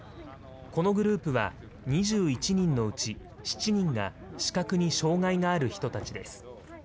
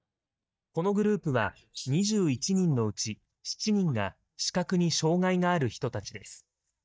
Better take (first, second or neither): first